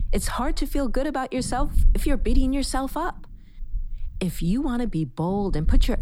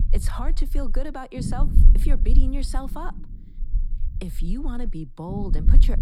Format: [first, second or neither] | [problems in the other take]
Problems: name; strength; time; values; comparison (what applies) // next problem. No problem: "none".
first | low rumble; loud; throughout; 8 dB below the speech; faint in the first